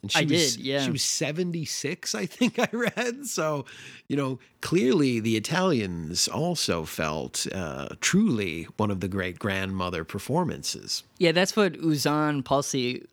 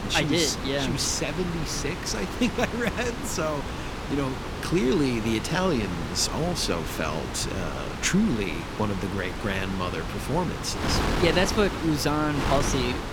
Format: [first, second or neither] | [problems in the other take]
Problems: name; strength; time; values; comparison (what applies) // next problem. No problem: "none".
first | wind noise on the microphone; heavy; 5 dB below the speech